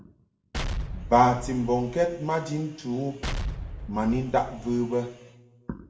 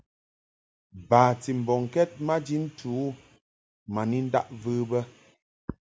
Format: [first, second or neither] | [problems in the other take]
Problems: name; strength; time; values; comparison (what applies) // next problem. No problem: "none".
second | background sound (Explosion); 7 dB below the speech // room echo; dies away in 0.7 s